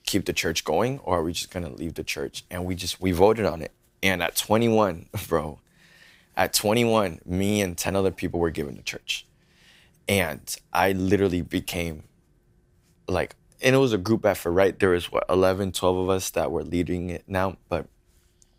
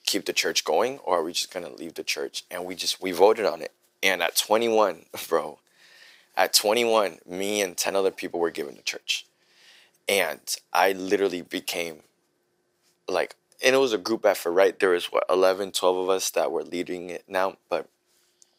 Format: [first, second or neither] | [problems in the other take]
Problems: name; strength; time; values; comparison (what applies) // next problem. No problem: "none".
first | thin; somewhat; fading below 450 Hz